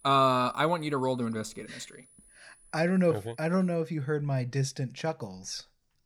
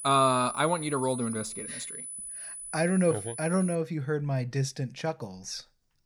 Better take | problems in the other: first | high-pitched whine; loud; until 4 s; 10 kHz, 8 dB below the speech; faint in the first

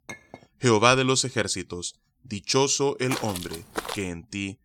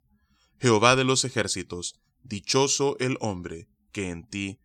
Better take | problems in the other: second | clattering dishes; faint; at the start; peak 20 dB below the speech // footsteps; noticeable; at 3 s; peak 8 dB below the speech

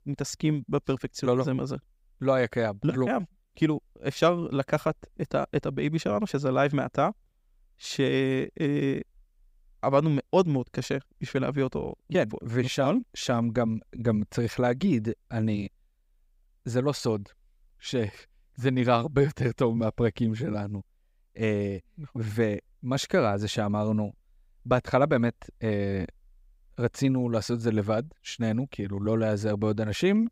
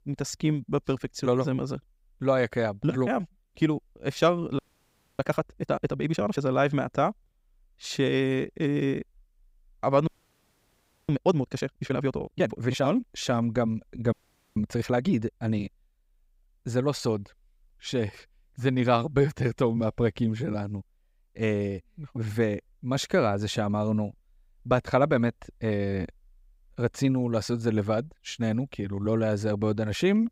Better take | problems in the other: first | audio freezing; at 4.5 s for 0.5 s, at 10 s for 1 s and at 14 s

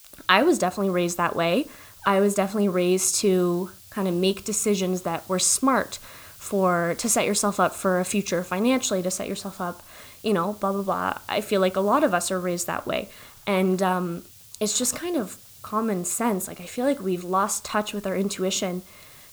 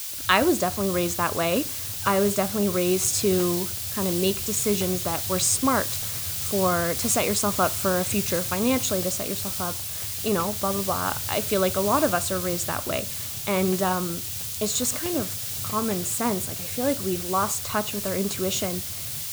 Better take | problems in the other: first | hiss; loud; throughout; 3 dB below the speech; faint in the first

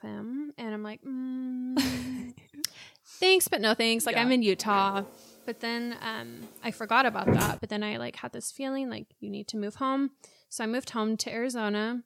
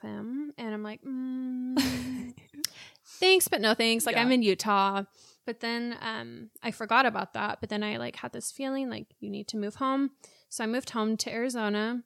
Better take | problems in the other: second | door banging; loud; from 4.5 to 7.5 s; peak 3 dB above the speech

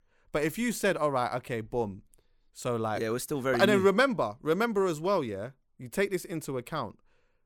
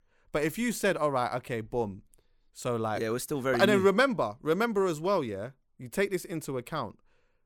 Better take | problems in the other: neither | none

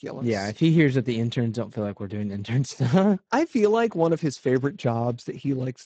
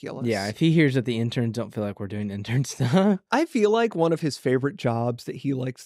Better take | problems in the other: second | garbled, watery; badly; nothing above 7.5 kHz

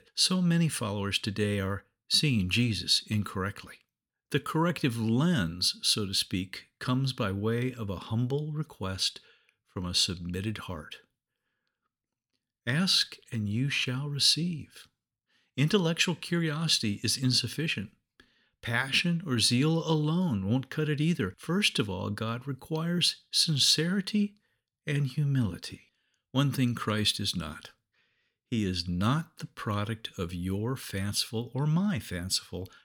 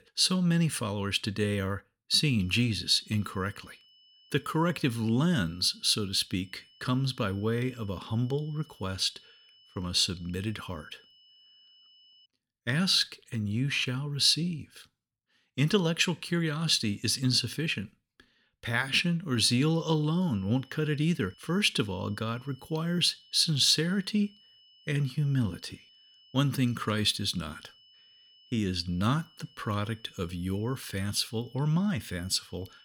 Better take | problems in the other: first | high-pitched whine; faint; from 2.5 to 12 s and from 19 s on; 3 kHz, 30 dB below the speech

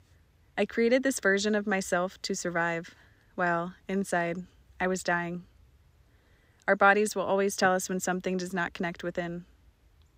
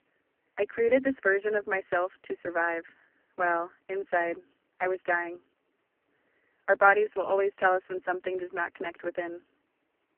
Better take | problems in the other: first | phone-call audio; poor line

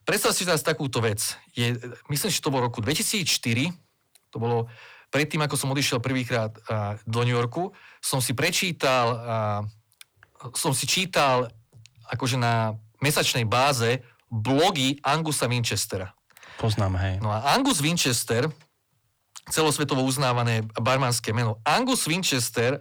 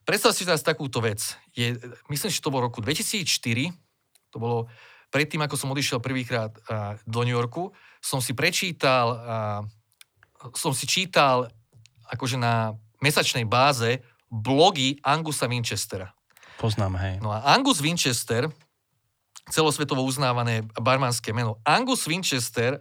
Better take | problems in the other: second | distortion; slight; 10 dB below the speech

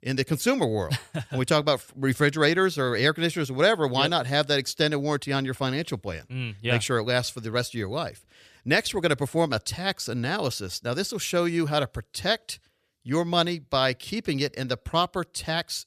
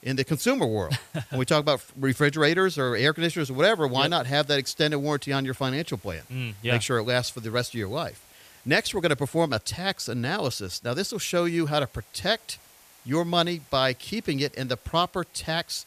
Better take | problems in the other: first | hiss; faint; throughout; 25 dB below the speech

